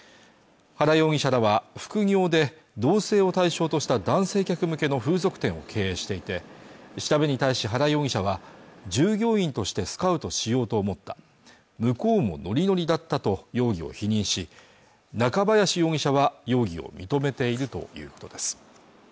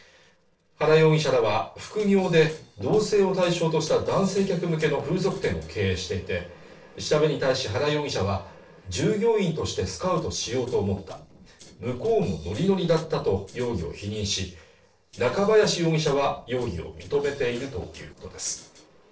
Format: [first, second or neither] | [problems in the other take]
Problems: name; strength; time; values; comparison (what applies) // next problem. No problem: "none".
first | noise reduction (neural separator model SepFormer DNS4)